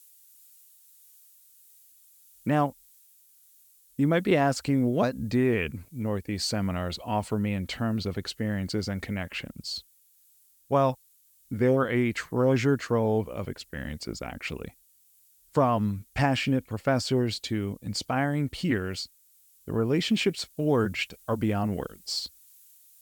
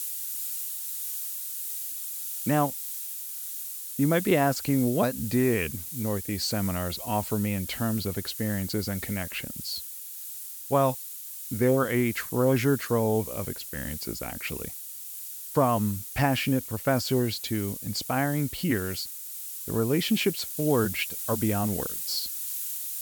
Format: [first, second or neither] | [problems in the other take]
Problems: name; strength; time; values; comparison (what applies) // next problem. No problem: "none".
first | hiss; loud; throughout; 6 dB below the speech; faint in the first